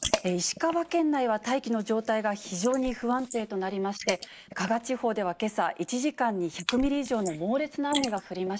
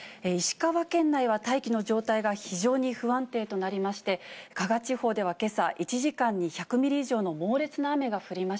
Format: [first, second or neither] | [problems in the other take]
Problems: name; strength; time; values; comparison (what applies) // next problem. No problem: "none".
second | noise reduction (neural mask model Resemble Enhance denoiser)